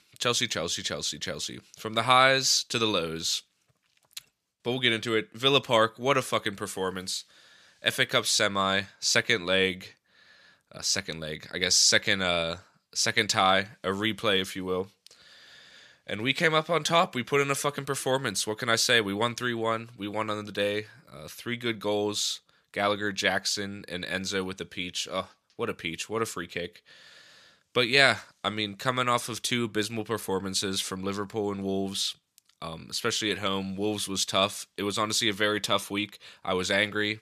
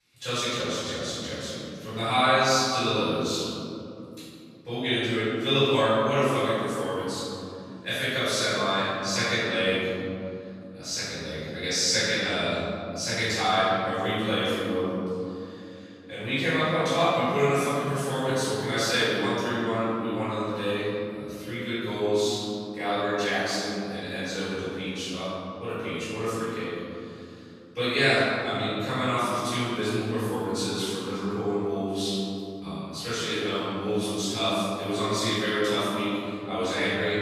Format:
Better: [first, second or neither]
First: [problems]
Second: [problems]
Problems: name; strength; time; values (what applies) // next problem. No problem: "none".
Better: first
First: none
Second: off-mic speech; far // room echo; strong; dies away in 3 s